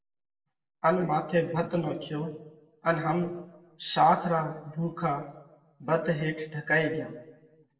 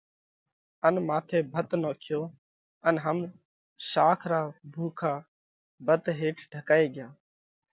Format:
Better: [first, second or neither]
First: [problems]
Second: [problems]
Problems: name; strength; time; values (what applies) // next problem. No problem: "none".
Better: second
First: room echo; dies away in 0.6 s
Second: none